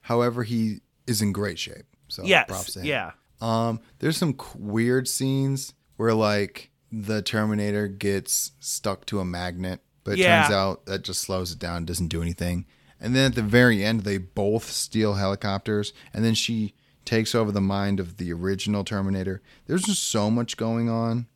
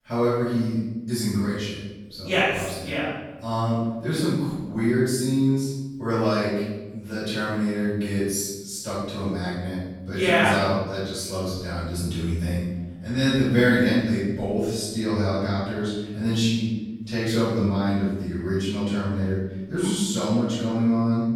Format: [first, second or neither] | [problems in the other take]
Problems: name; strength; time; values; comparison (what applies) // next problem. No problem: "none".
first | off-mic speech; far // room echo; strong; dies away in 1.1 s